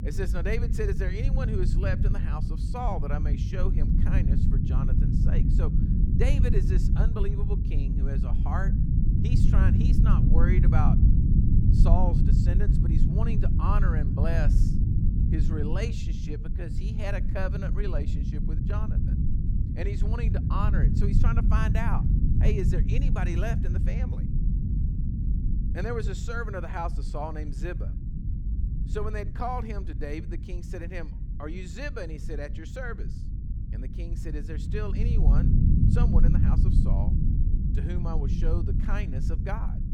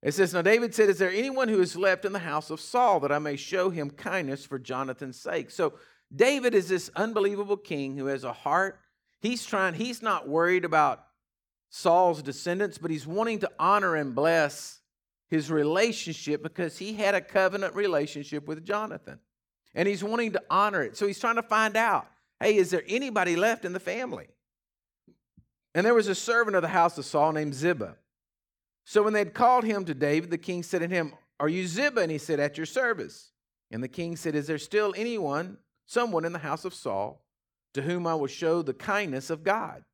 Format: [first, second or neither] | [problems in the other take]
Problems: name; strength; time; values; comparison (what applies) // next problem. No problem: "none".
second | low rumble; loud; throughout; 2 dB below the speech